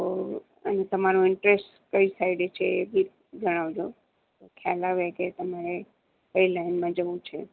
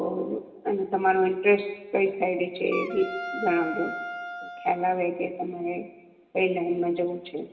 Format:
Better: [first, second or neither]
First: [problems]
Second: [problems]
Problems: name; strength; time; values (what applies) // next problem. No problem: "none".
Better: first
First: none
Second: background sound (Wind instrument, woodwind instrument); 10 dB below the speech // room echo; dies away in 1 s